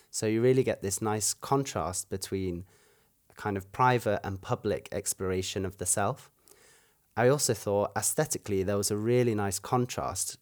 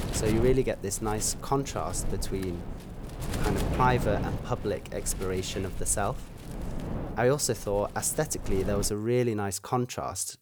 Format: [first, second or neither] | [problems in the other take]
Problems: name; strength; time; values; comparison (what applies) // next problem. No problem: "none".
first | wind noise on the microphone; occasional gusts; until 9 s; 10 dB below the speech